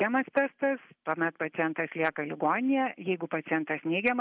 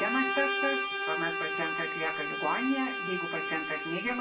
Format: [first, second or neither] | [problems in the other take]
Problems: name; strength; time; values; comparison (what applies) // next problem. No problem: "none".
first | background sound (Bowed string instrument); as loud as the speech // room echo; dies away in 0.4 s